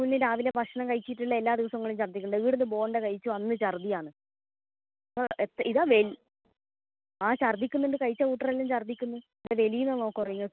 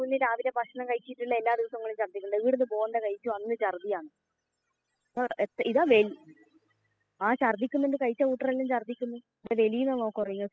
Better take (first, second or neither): first